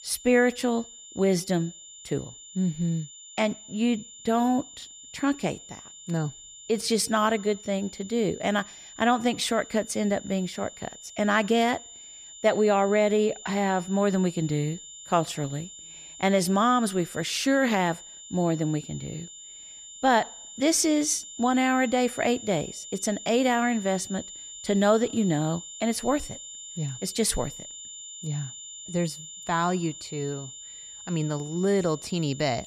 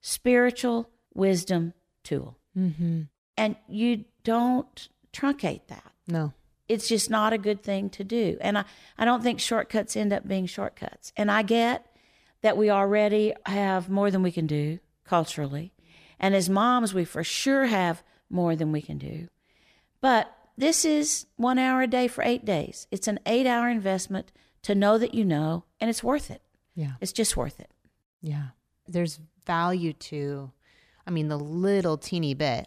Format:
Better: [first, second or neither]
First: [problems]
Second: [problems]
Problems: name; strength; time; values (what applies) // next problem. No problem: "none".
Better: second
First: high-pitched whine; noticeable; throughout; 7 kHz, 15 dB below the speech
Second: none